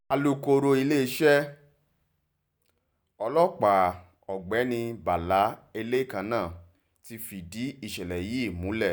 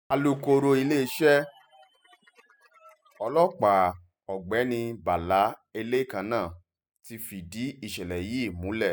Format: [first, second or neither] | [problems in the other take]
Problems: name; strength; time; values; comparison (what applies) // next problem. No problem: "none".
first | noise reduction (classical method spectral subtraction)